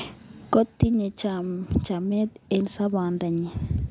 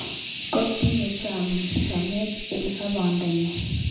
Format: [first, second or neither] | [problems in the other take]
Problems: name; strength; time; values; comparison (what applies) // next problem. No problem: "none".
first | background sound (Hiss); 9 dB below the speech // room echo; dies away in 0.8 s